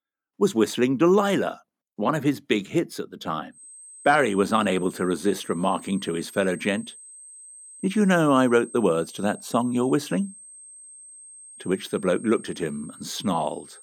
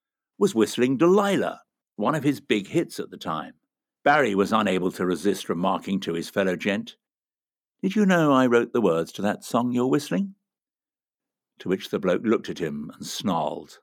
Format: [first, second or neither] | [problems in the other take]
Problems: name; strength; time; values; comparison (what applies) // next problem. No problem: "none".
second | high-pitched whine; noticeable; from 3.5 s on; 8.5 kHz, 20 dB below the speech